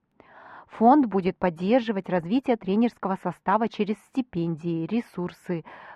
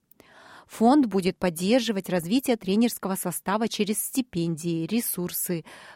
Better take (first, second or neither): second